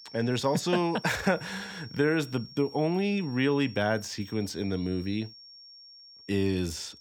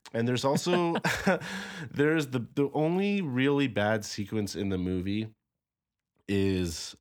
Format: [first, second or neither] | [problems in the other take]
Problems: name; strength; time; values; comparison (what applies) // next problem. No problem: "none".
second | high-pitched whine; noticeable; throughout; 5.5 kHz, 20 dB below the speech